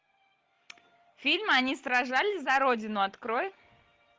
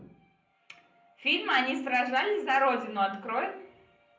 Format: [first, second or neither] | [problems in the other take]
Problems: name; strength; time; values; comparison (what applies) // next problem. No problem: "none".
first | room echo; dies away in 0.6 s